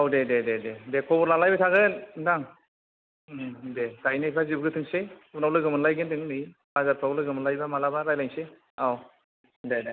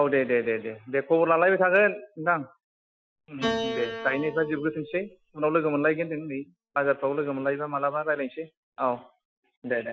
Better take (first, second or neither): first